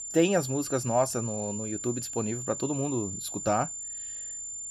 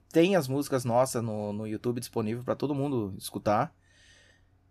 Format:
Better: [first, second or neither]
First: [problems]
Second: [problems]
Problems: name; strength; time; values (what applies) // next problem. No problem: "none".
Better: second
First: high-pitched whine; loud; throughout; 7 kHz, 5 dB below the speech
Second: none